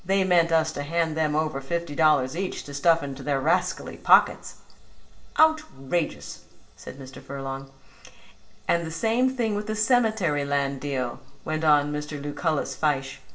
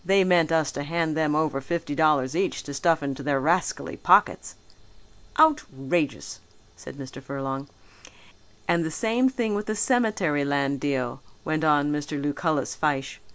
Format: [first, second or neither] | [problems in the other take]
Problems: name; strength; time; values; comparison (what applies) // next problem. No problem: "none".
second | room echo; dies away in 0.5 s